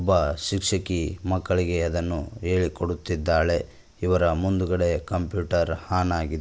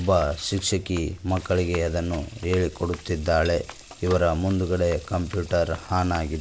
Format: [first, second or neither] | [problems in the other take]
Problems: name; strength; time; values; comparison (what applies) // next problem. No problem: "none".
first | background sound (Sink (filling or washing) / Water tap, faucet + Run); 19 dB below the speech